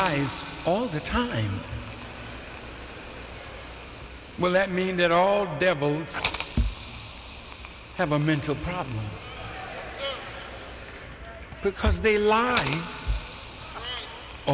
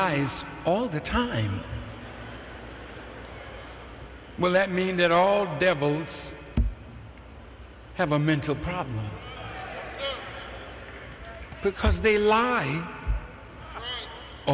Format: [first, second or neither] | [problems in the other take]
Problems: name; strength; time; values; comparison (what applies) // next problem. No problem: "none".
second | background sound (Hiss); 13 dB below the speech